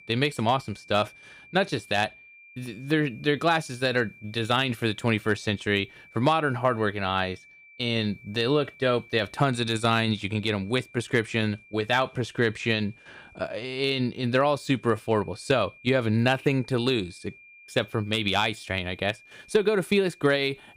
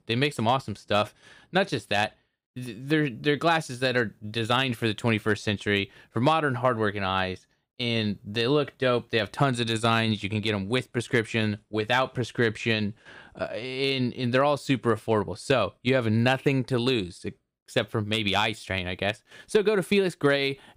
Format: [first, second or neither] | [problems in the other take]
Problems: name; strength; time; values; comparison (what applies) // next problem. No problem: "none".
second | high-pitched whine; faint; throughout; 2.5 kHz, 25 dB below the speech